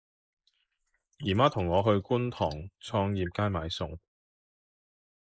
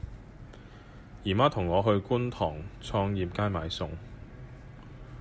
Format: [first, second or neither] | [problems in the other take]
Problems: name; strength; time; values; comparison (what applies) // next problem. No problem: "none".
second | noise reduction (neural mask model Resemble Enhance denoiser)